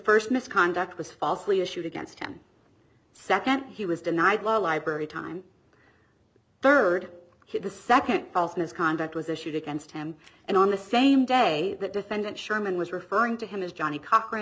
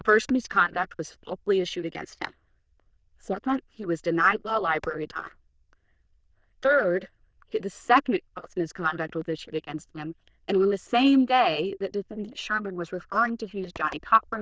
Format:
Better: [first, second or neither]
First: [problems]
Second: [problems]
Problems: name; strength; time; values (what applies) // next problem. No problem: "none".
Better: first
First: none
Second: noise reduction (neural diffusion model UNIVERSE++)